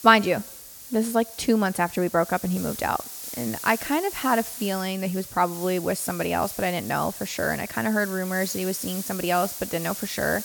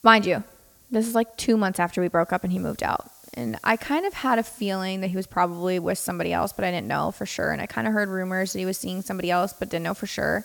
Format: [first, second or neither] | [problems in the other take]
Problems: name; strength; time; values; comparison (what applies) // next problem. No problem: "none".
second | hiss; loud; throughout; 9 dB below the speech; faint in the second